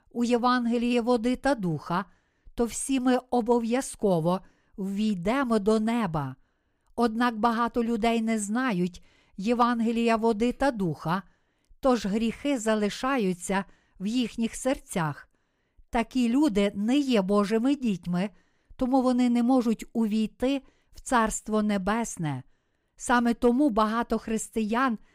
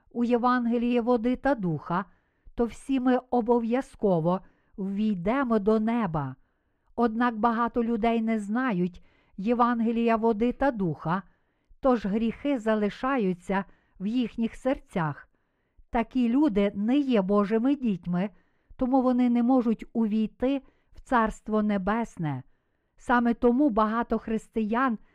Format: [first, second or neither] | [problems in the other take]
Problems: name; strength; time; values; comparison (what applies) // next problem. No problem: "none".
first | muffled; very; fading above 4 kHz